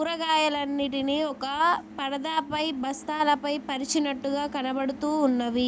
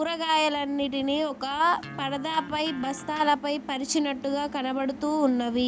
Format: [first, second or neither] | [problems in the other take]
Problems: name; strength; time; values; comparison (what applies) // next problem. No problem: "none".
first | background sound (Electric guitar); 18 dB below the speech